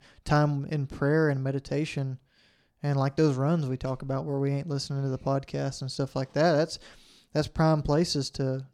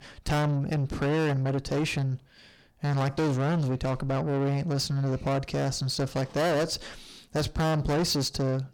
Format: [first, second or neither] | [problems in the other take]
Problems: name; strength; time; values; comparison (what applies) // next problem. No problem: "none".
first | distortion; heavy; 6 dB below the speech